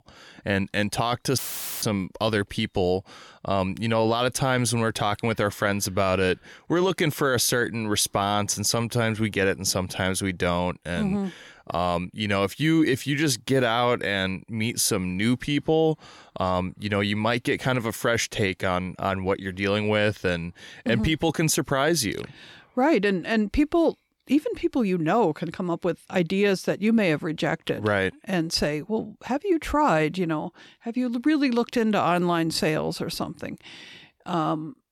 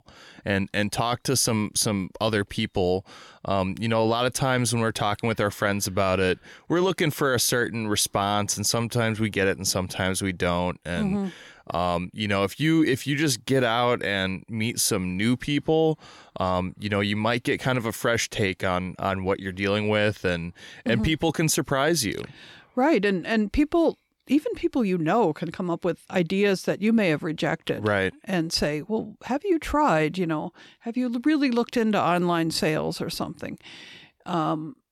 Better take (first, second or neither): second